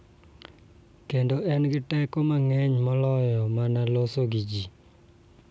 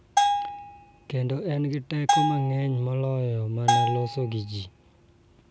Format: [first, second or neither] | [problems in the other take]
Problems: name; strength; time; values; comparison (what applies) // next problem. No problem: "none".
first | background sound (Bell); as loud as the speech